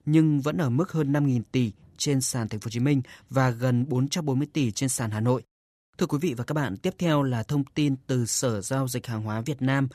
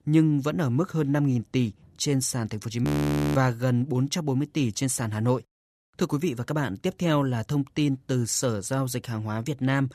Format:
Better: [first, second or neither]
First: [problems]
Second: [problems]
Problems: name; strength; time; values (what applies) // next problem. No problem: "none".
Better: first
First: none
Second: audio freezing; at 3 s for 0.5 s